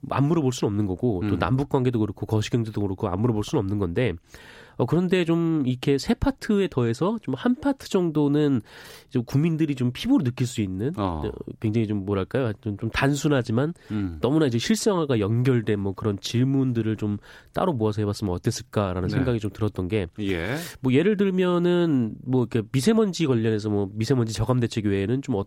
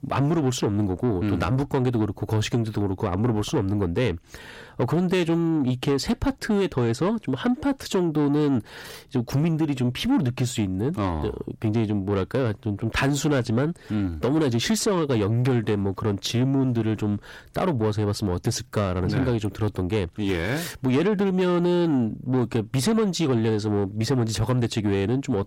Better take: first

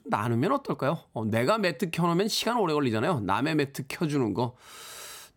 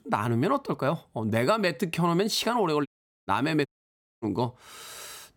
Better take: first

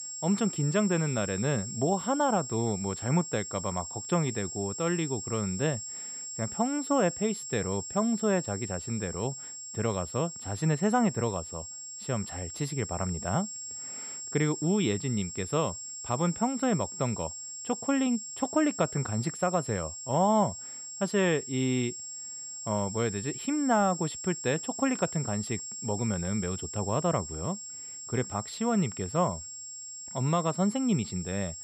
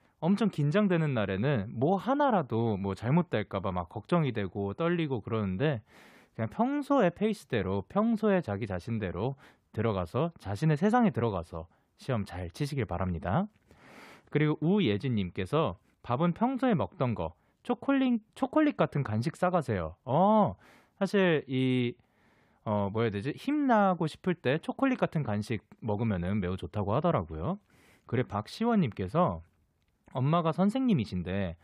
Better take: second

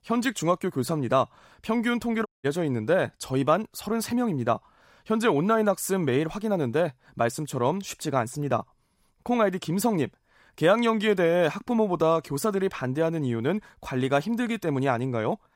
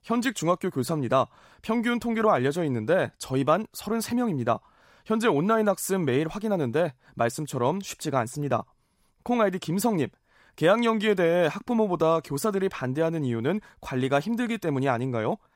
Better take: second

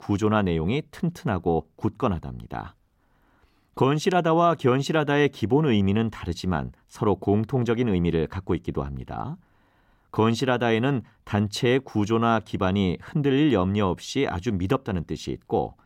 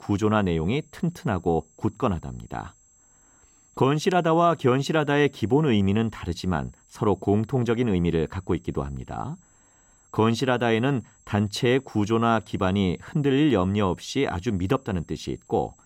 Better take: first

